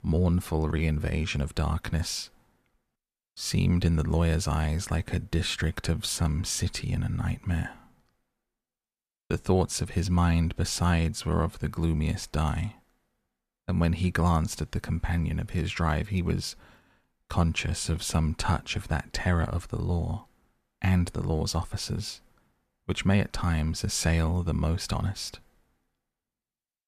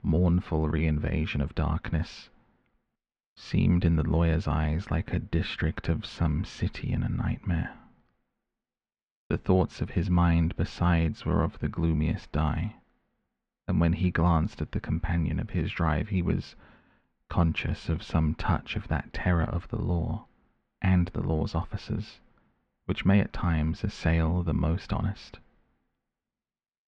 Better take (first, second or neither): first